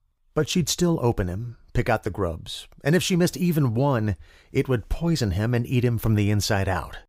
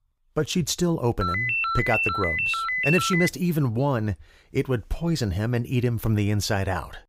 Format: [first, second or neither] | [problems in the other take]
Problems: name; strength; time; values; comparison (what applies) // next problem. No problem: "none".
first | phone ringing; loud; from 1 to 3.5 s; peak 3 dB above the speech